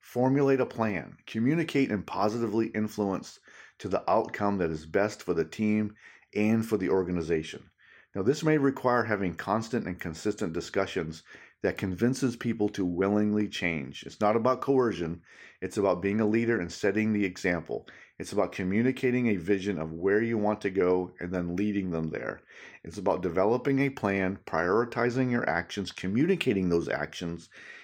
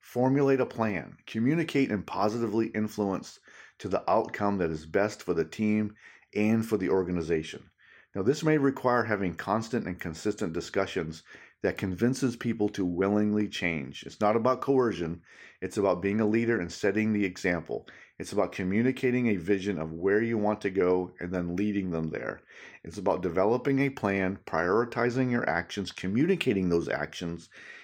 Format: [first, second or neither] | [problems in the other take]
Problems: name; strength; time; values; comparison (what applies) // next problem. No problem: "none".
neither | none